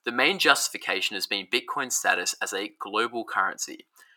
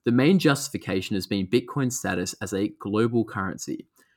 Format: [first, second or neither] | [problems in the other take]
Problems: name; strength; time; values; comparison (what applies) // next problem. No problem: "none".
second | thin; very; fading below 750 Hz